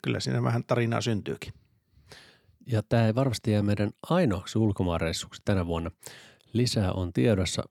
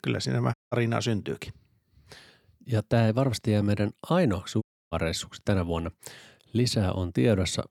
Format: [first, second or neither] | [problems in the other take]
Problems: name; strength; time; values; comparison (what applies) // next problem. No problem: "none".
first | audio cutting out; at 0.5 s and at 4.5 s